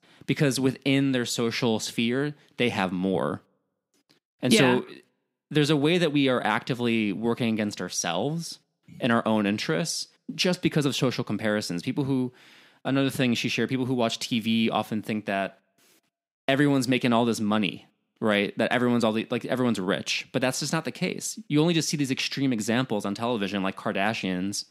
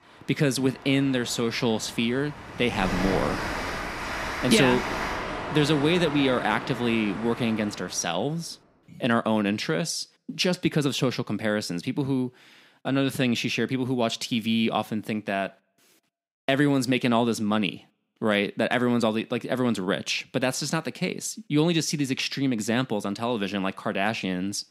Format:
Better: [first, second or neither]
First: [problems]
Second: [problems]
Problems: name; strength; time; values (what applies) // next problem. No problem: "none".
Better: first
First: none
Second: train or aircraft noise; loud; until 7.5 s; 7 dB below the speech